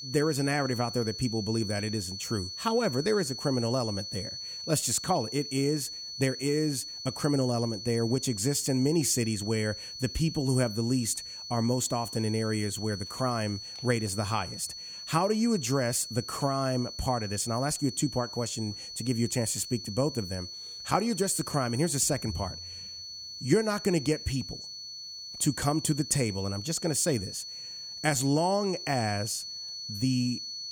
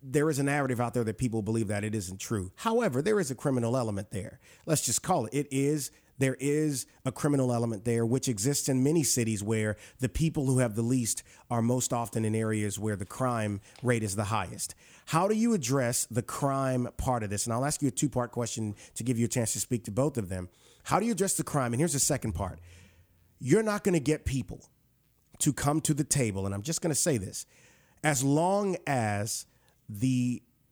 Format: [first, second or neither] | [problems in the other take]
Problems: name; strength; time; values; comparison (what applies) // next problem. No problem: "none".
second | high-pitched whine; loud; throughout; 4.5 kHz, 8 dB below the speech